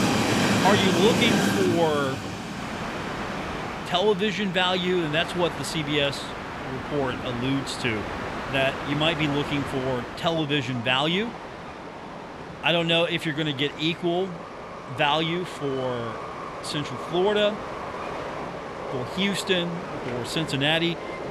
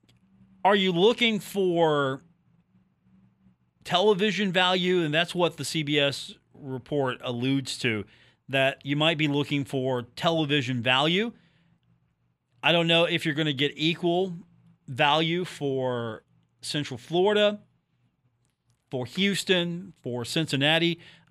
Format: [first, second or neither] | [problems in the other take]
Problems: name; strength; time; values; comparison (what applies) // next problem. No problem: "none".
second | train or aircraft noise; loud; throughout; 6 dB below the speech